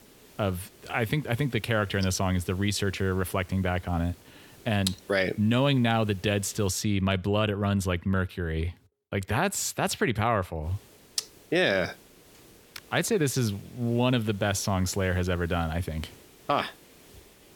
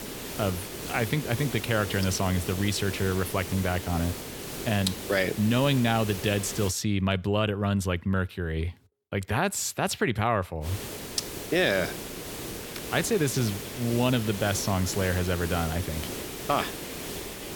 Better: first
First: hiss; faint; until 6.5 s and from 11 s on; 25 dB below the speech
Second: hiss; loud; until 6.5 s and from 11 s on; 8 dB below the speech

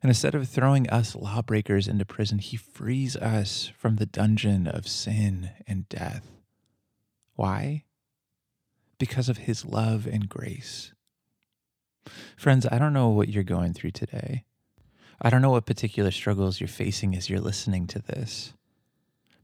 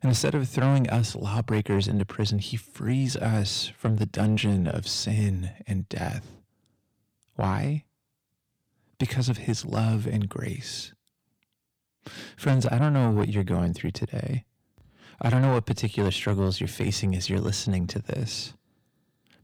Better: first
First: none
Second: distortion; slight; 10 dB below the speech

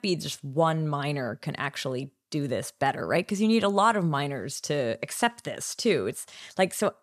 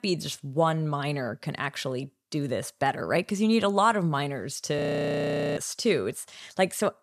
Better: first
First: none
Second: audio freezing; at 5 s for 1 s

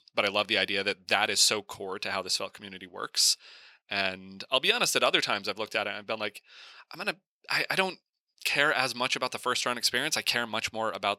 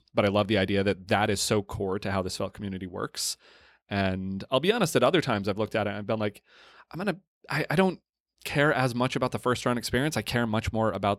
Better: second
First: thin; somewhat; fading below 1 kHz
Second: none

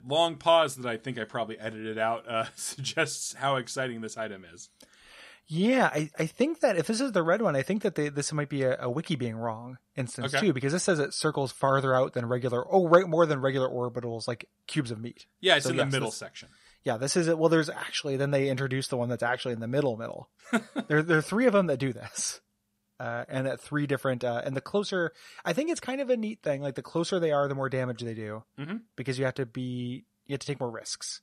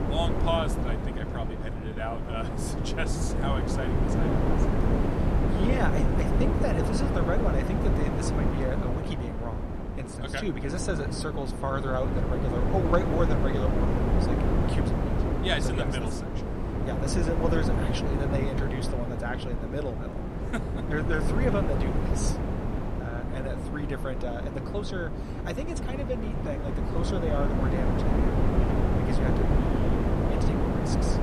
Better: first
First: none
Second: wind noise on the microphone; heavy; as loud as the speech

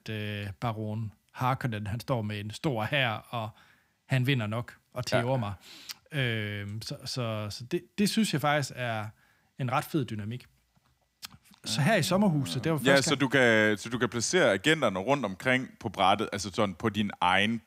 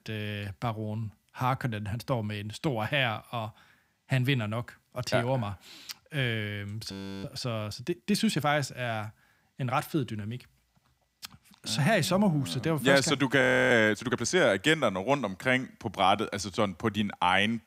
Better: first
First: none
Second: audio freezing; at 7 s and at 13 s

